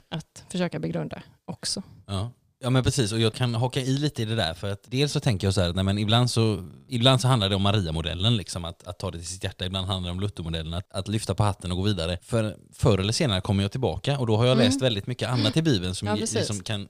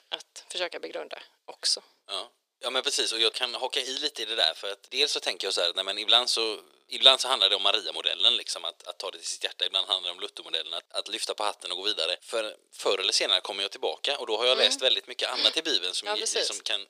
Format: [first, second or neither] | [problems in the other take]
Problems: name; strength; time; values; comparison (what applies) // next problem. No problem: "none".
first | thin; very; fading below 400 Hz